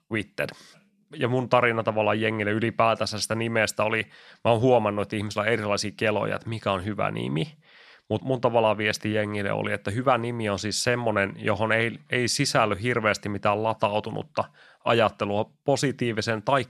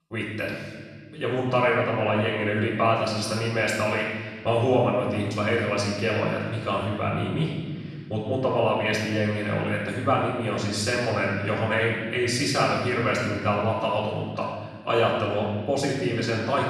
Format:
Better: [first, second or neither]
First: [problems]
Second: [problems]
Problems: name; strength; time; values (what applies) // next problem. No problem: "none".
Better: first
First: none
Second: off-mic speech; far // room echo; noticeable; dies away in 1.8 s